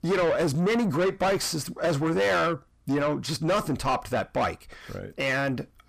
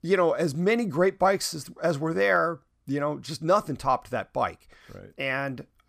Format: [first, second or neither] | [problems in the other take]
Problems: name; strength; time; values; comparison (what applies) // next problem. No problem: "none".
second | distortion; heavy; 6 dB below the speech